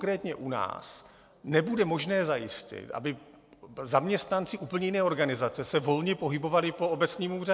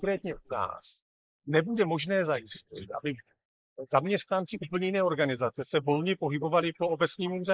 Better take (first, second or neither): first